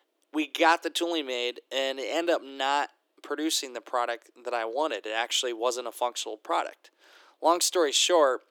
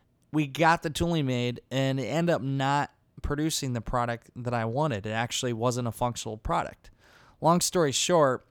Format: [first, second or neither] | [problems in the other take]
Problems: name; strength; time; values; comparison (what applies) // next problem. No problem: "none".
second | thin; very; fading below 300 Hz